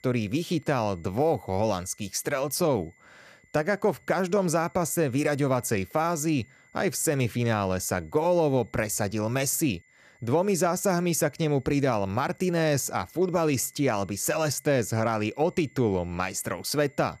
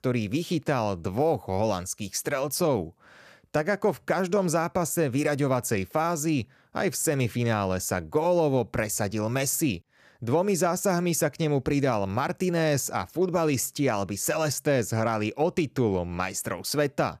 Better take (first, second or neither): second